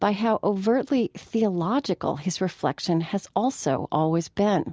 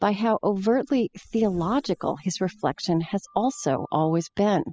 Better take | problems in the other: first | noise reduction (classical method spectral subtraction)

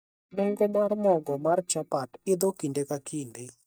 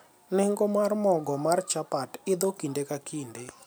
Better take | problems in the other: second | noise reduction (neural mask model DeepFilterNet 3)

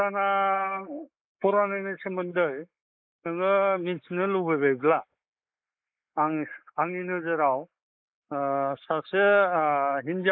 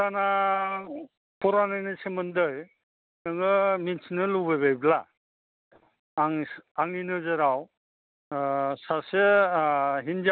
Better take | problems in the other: second | noise reduction (neural mask model Resemble Enhance denoiser)

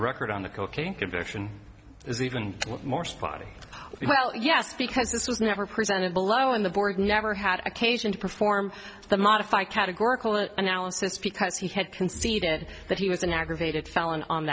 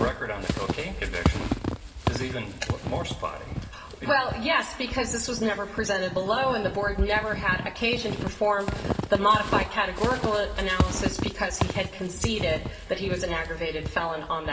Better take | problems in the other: first | background sound (Squeak / Walk, footsteps); 4 dB below the speech // room echo; dies away in 1 s

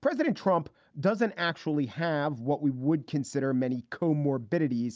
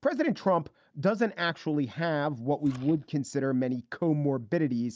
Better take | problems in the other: first | noise reduction (neural mask model DeepFilterNet 3)

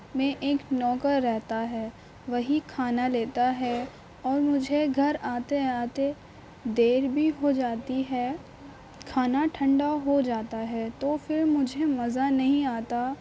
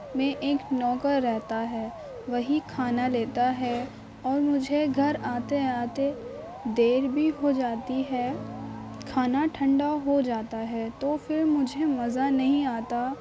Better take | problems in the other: first | background sound (Motor vehicle (road) / Siren + Acoustic guitar / Strum); 15 dB below the speech

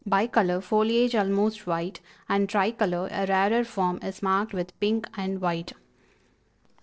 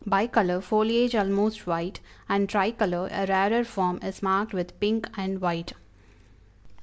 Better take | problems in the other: second | noise reduction (neural separator model SepFormer DNS4)

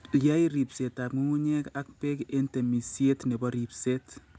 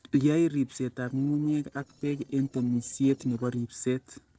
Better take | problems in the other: first | noise reduction (neural separator model SepFormer DNS4)

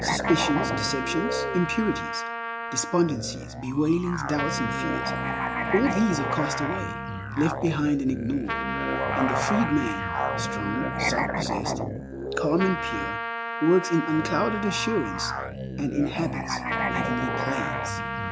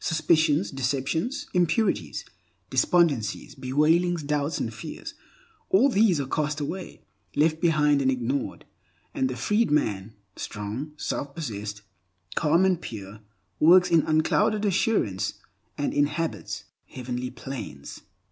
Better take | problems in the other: second | background sound (Trumpet + Musical instrument); 1 dB below the speech

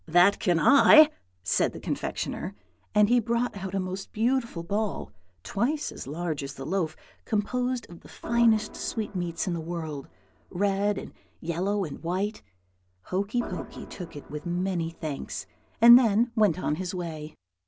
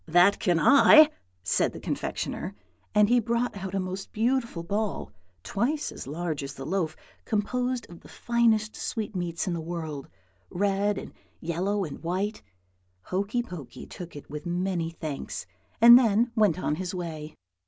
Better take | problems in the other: second | background sound (Organ); 17 dB below the speech

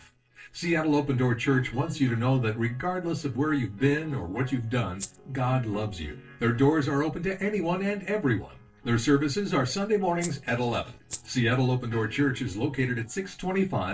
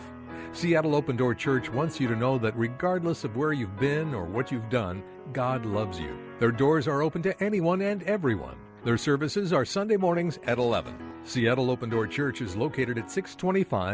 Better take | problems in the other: second | noise reduction (neural separator model SepFormer DNS4)

